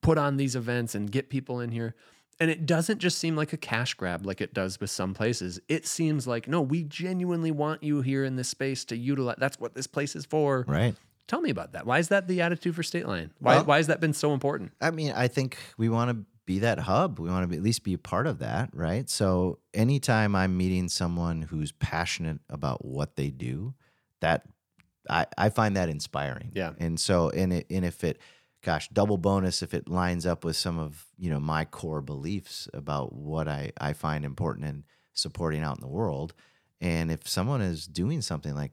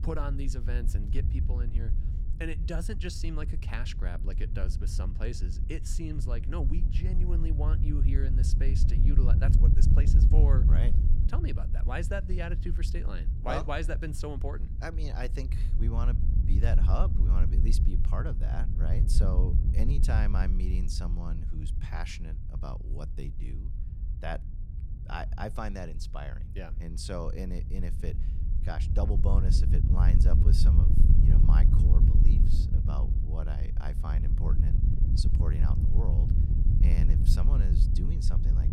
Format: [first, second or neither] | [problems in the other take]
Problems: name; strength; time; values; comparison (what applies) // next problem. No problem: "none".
first | wind noise on the microphone; heavy; 4 dB below the speech